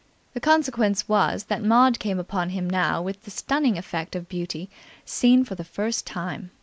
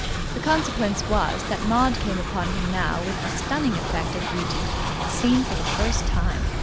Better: first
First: none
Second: background sound (Train); 1 dB above the speech

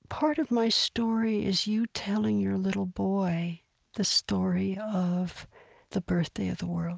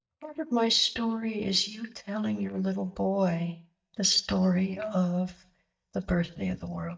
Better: first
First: none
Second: noise reduction (neural mask model DeepFilterNet 3)

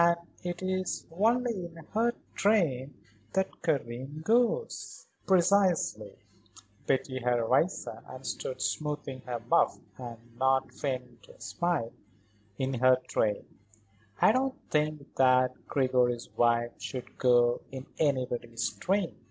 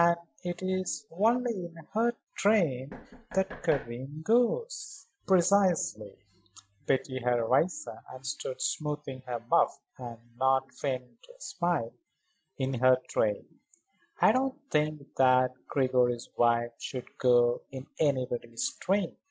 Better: first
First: none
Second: noise reduction (classical method Wiener filter)

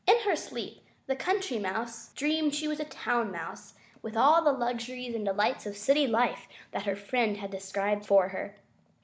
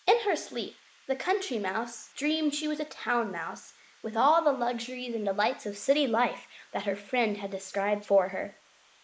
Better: first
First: none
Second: noise reduction (neural mask model Resemble Enhance denoiser)

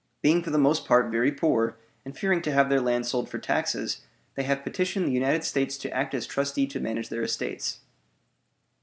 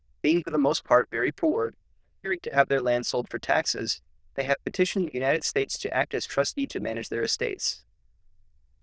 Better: first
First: none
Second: noise reduction (neural diffusion model UNIVERSE++)

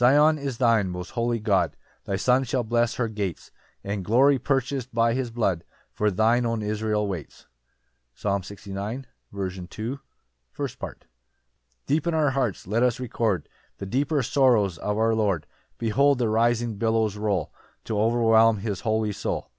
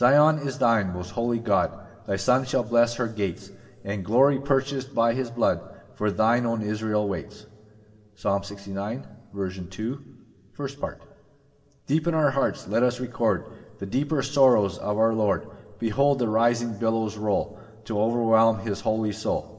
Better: first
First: none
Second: room echo; dies away in 2.9 s

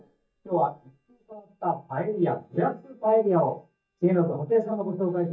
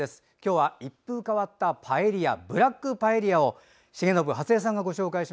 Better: second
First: noise reduction (neural mask model DeepFilterNet 3)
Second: none

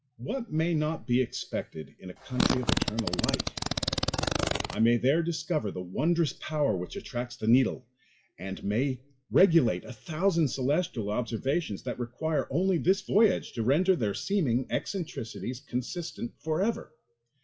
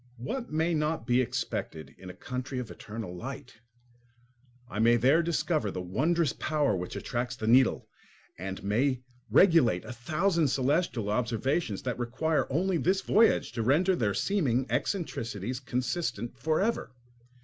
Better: second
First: noise reduction (classical method WPE with log-MMSE)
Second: none

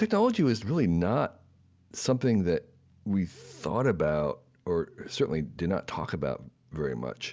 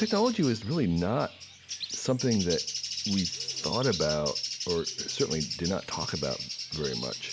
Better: first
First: none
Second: background sound (Bird); 6 dB below the speech

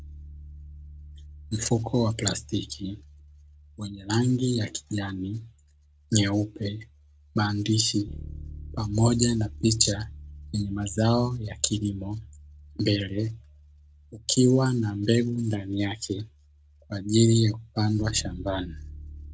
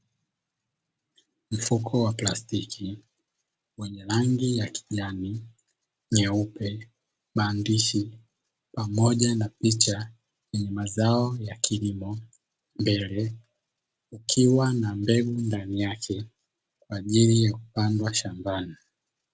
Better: second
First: background sound (Bass guitar); 17 dB below the speech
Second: none

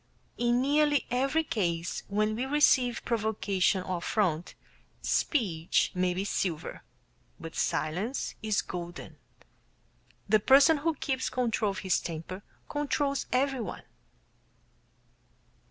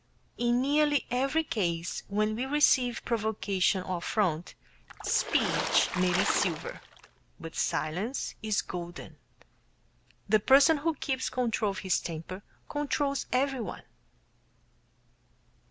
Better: first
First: none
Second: background sound (Water / Splash, splatter); 4 dB below the speech

